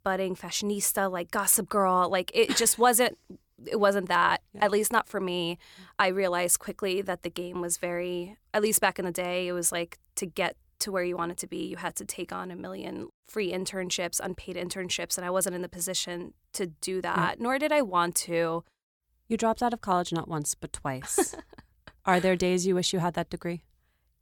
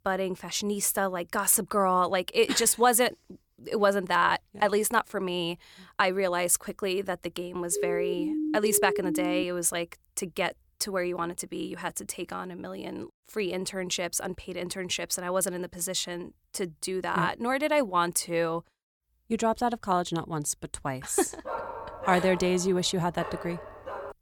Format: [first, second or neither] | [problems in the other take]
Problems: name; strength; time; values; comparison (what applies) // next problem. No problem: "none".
first | siren; noticeable; from 7.5 to 9.5 s; peak 2 dB below the speech // dog barking; noticeable; from 21 s on; peak 7 dB below the speech